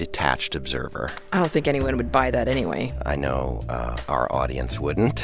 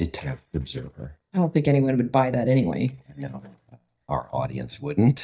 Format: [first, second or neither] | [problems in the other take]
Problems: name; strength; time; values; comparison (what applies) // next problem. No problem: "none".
first | noise reduction (neural mask model DeepFilterNet 3)